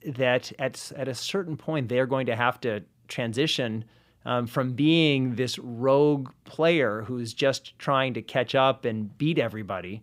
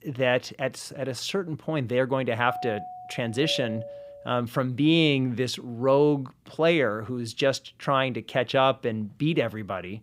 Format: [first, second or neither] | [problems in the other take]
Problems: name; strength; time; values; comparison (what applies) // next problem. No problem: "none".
first | doorbell; noticeable; from 2.5 to 4.5 s; peak 9 dB below the speech